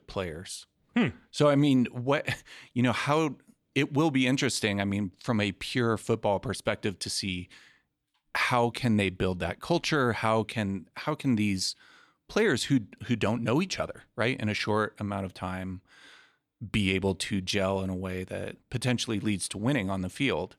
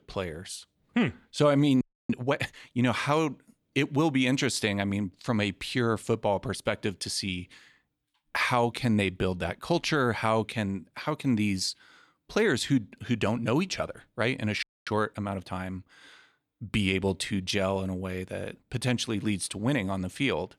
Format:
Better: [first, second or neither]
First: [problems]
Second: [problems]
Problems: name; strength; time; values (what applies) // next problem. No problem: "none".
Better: first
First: none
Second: audio freezing; at 2 s and at 15 s